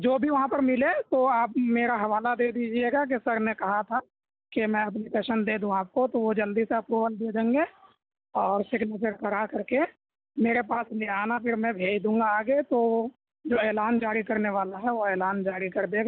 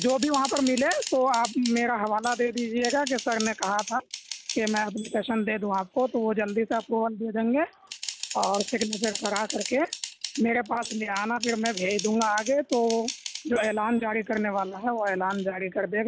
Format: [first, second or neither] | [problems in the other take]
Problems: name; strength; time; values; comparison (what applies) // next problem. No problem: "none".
first | background sound (Typing); 12 dB below the speech